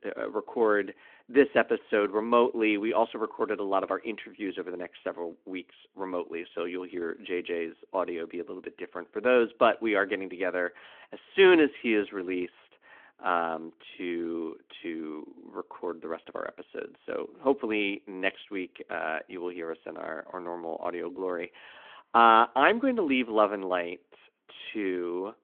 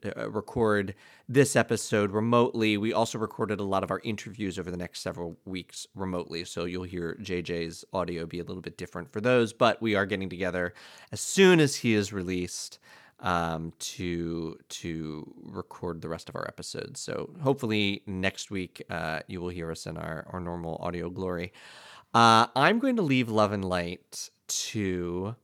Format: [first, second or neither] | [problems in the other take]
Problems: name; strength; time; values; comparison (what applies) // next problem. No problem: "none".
second | phone-call audio; nothing above 3.5 kHz